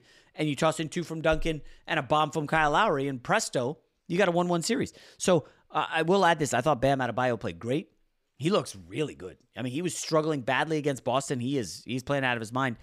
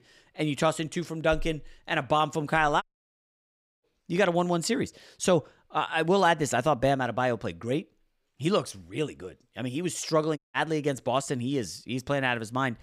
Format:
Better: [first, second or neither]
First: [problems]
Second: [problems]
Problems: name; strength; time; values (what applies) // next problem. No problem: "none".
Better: first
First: none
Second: audio cutting out; at 3 s for 1 s and at 10 s